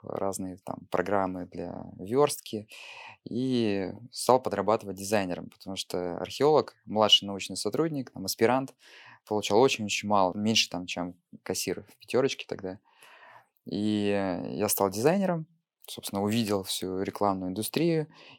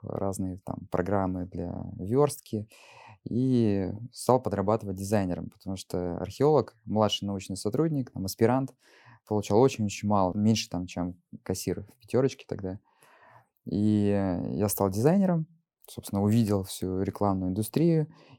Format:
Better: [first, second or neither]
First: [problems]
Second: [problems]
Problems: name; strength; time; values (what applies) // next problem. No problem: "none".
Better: second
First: thin; very slightly; fading below 400 Hz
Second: none